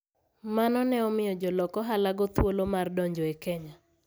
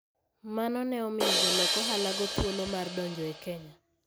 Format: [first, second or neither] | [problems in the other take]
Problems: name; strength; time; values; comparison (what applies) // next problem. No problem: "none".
first | background sound (Crash cymbal); 2 dB above the speech